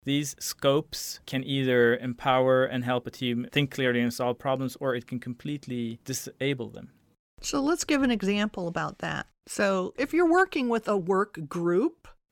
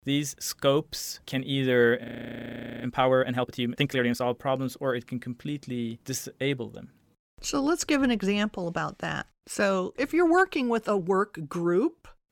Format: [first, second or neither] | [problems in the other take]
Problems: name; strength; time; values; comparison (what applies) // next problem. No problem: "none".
first | audio freezing; at 2 s for 1 s